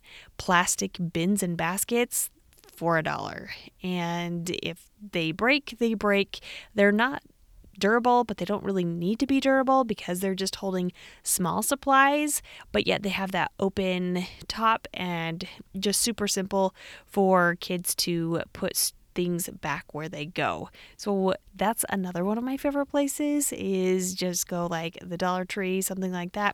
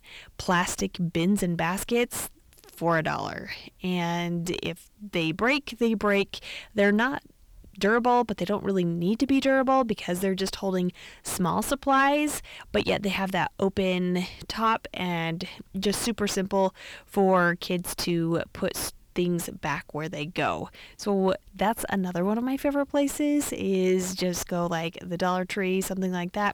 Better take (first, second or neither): first